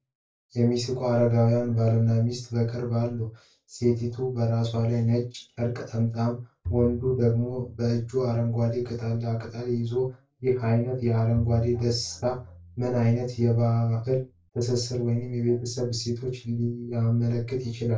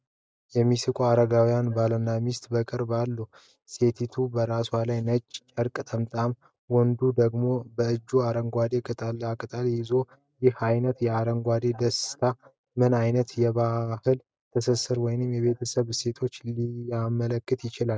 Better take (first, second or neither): second